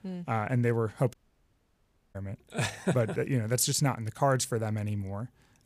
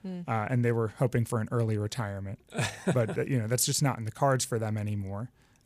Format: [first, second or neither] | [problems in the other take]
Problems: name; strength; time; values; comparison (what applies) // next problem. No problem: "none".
second | audio cutting out; at 1 s for 1 s